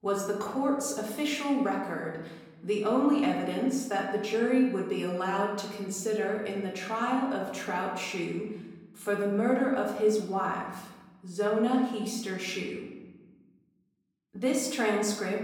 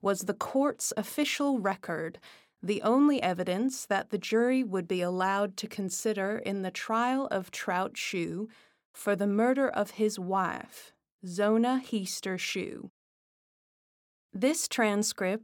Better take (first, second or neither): second